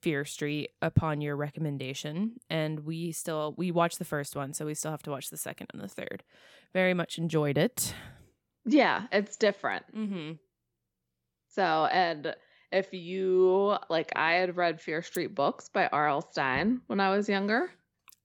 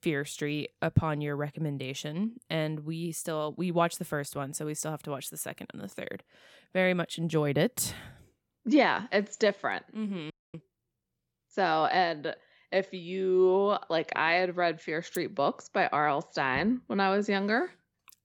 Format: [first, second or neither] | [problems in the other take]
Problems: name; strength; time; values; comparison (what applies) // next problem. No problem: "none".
first | audio freezing; at 10 s